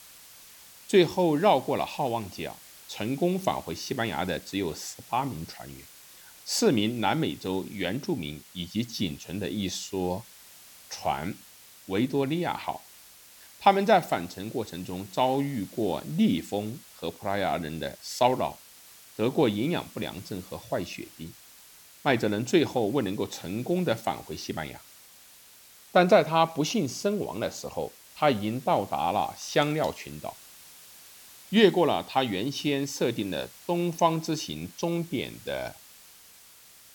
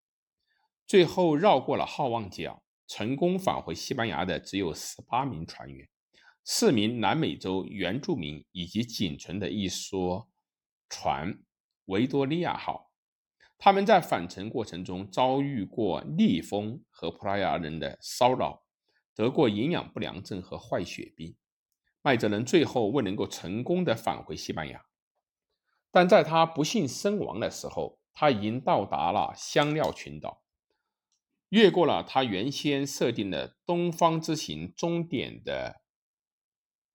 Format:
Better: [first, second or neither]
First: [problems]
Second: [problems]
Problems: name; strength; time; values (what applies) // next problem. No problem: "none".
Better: second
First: hiss; faint; throughout; 20 dB below the speech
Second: none